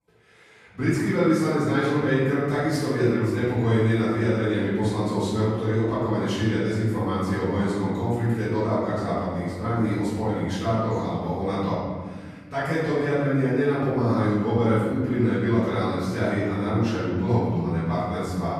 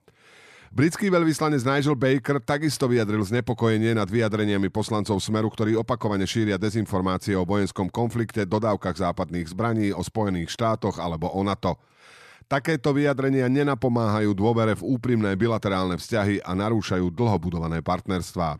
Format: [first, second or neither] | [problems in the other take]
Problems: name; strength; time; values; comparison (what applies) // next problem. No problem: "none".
second | room echo; strong; dies away in 1.7 s // off-mic speech; far